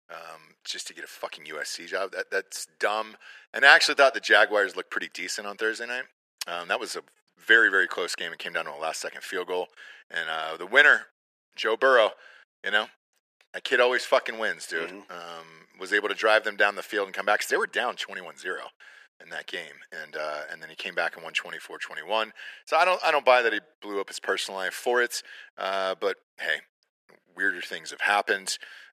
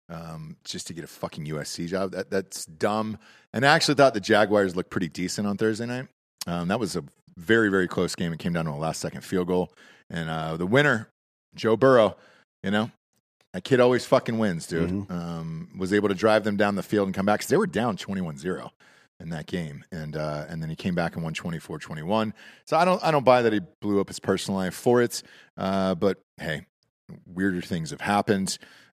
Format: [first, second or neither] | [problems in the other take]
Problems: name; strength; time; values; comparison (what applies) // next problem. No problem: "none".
second | thin; very; fading below 450 Hz